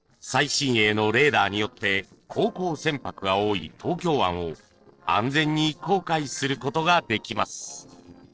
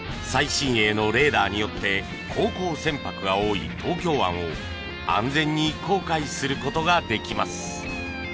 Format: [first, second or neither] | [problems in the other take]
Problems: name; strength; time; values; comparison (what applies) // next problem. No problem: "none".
second | noise reduction (neural separator model SepFormer DNS4)